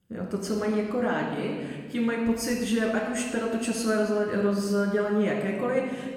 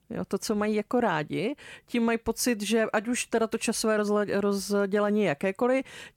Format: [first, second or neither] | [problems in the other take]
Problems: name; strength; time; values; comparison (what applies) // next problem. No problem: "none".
second | off-mic speech; far // room echo; noticeable; dies away in 1.6 s